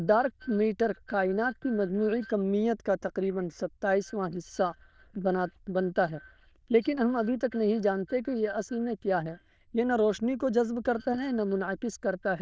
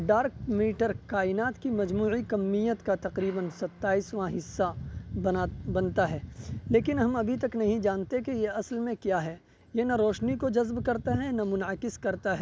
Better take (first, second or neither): second